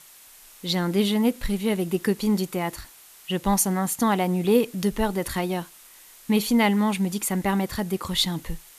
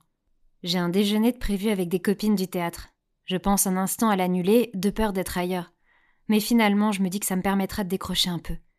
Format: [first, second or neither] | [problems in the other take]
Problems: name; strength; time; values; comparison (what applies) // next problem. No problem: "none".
second | hiss; faint; throughout; 20 dB below the speech